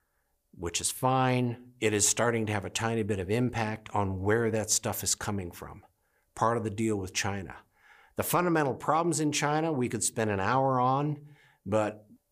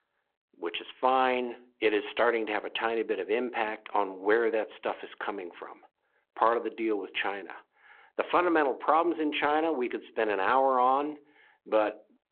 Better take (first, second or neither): first